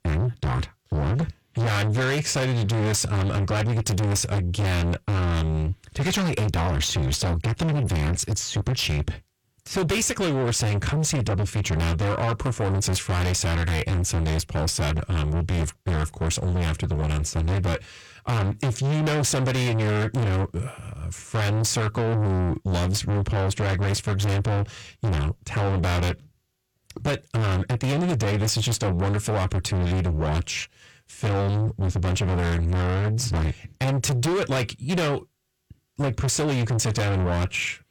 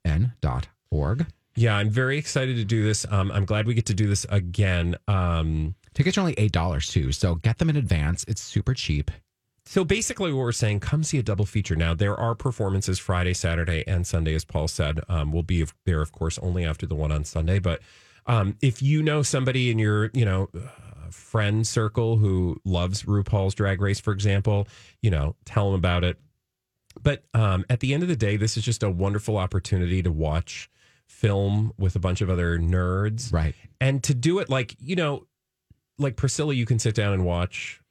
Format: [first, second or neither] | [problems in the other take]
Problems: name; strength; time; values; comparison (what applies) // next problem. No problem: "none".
second | distortion; heavy; 6 dB below the speech